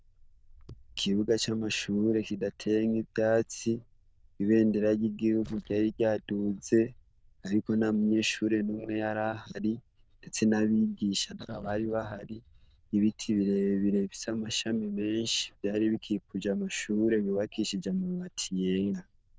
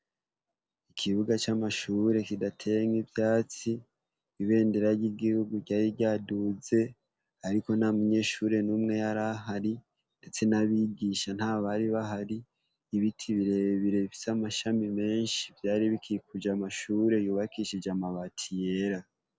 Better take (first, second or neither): second